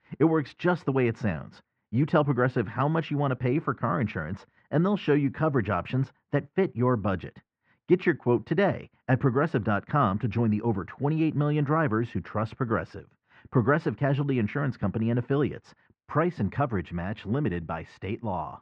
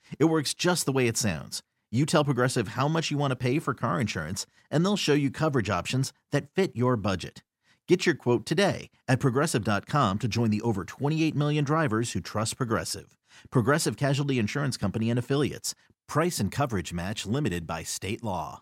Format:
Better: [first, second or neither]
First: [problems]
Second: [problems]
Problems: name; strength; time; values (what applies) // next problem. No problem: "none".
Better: second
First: muffled; very; fading above 2 kHz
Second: none